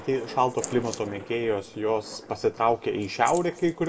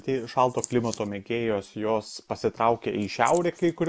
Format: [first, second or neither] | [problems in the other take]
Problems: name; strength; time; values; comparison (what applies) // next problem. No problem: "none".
second | background sound (Thunder); 18 dB below the speech // room echo; dies away in 0.8 s